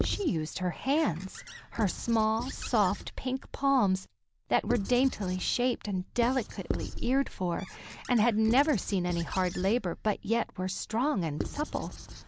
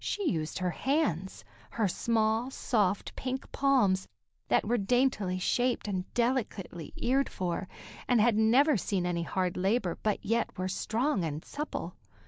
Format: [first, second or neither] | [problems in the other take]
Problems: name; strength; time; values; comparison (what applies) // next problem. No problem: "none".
second | background sound (Squeak / Writing); 11 dB below the speech